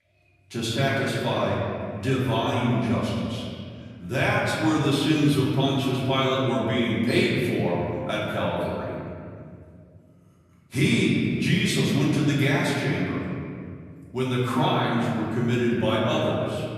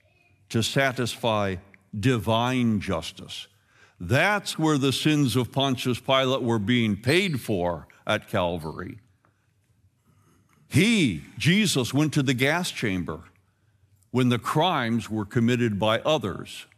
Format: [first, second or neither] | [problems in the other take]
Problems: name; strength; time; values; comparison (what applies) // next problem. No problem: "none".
second | off-mic speech; far // room echo; noticeable; dies away in 2.3 s